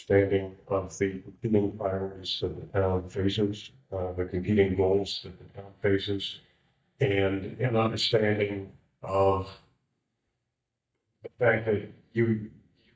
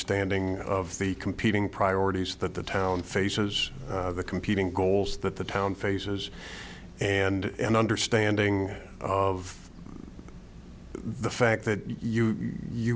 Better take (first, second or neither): second